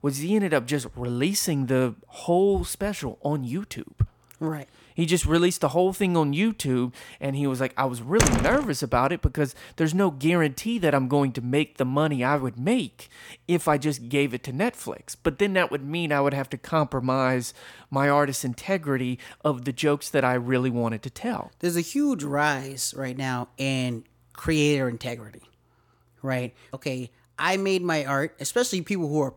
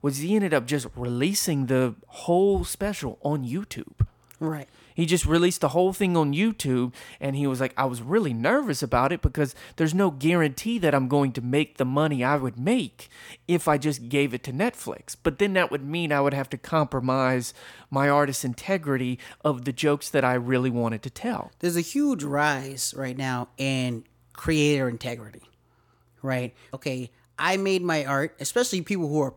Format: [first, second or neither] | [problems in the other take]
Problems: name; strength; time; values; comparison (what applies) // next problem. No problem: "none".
second | door banging; loud; at 8 s; peak 3 dB above the speech